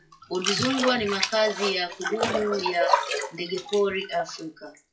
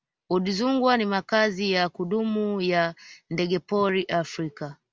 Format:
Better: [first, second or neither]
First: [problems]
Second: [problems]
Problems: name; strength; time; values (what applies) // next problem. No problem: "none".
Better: second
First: noise reduction (classical method WPE with log-MMSE)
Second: none